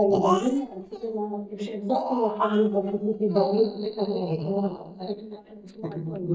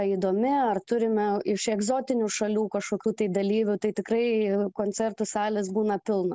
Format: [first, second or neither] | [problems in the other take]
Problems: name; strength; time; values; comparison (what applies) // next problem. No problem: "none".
second | noise reduction (neural mask model DeepFilterNet 3)